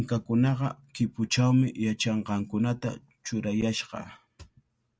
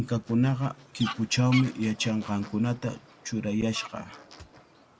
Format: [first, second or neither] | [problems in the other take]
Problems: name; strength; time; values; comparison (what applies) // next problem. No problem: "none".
first | background sound (Fowl); 15 dB below the speech